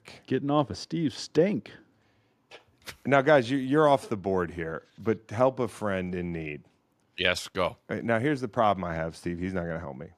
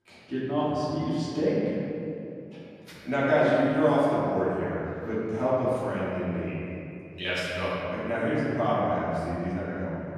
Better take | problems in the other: first | off-mic speech; far // room echo; strong; dies away in 2.7 s

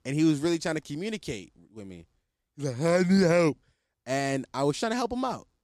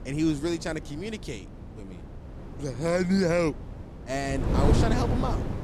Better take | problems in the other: first | wind noise on the microphone; heavy; 6 dB below the speech

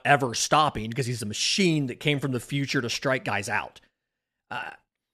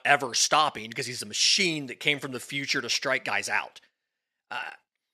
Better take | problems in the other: first | thin; somewhat; fading below 1 kHz

